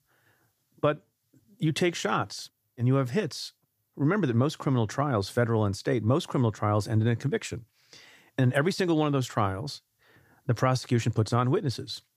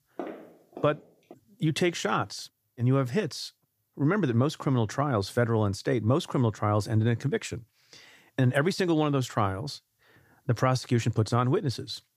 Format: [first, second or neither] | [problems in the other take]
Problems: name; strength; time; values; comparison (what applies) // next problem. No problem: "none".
first | footsteps; faint; until 1.5 s; peak 10 dB below the speech